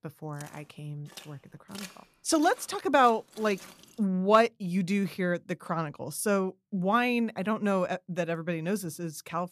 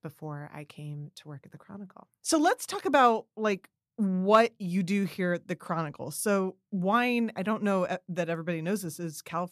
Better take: second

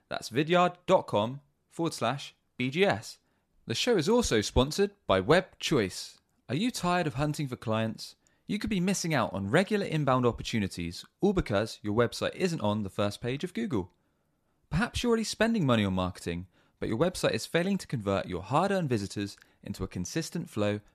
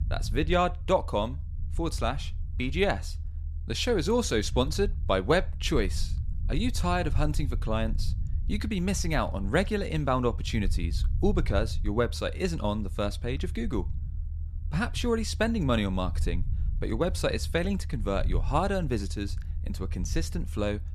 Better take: first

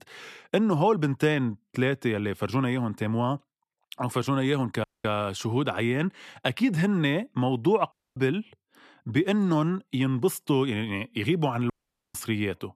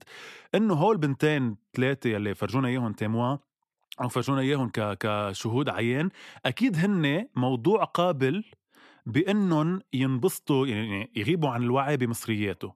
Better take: second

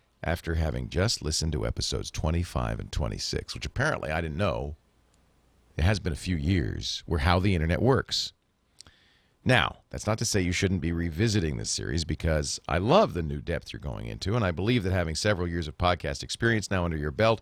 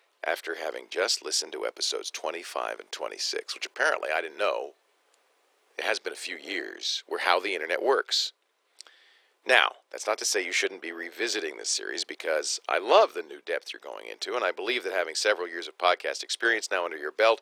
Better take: first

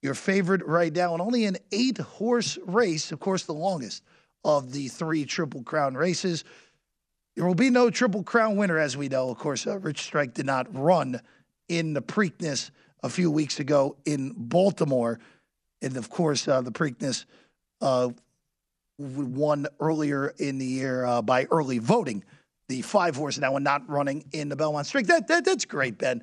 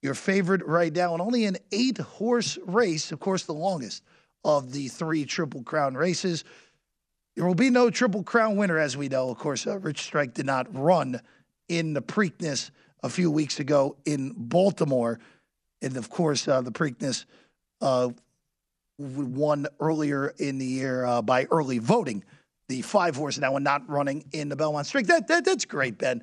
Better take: neither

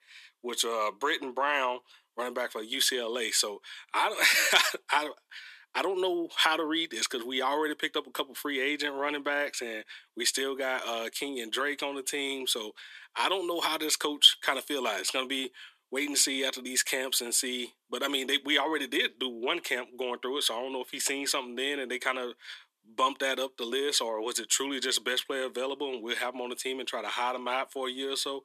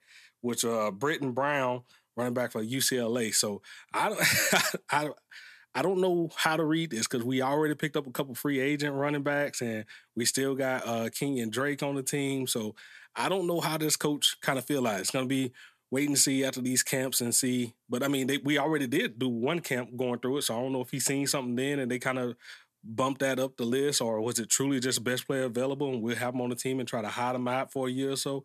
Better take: second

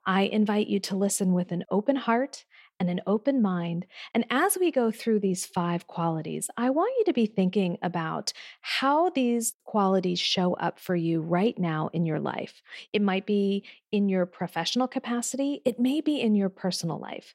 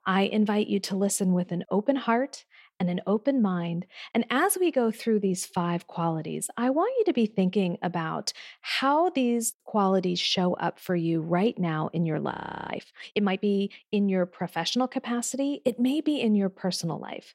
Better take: first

